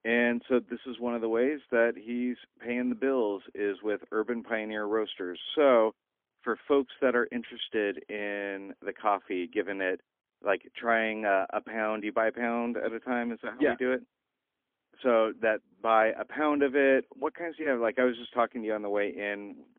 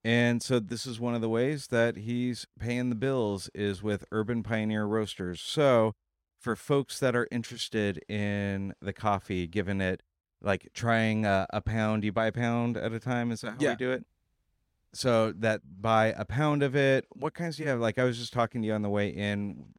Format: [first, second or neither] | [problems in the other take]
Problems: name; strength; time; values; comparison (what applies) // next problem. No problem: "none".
second | phone-call audio; poor line; nothing above 3.5 kHz